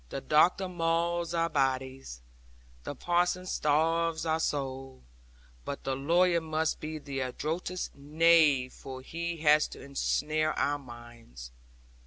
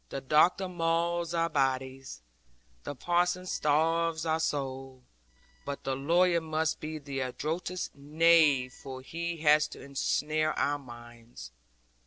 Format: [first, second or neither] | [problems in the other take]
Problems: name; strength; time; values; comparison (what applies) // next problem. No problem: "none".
first | noise reduction (neural separator model SepFormer DNS4)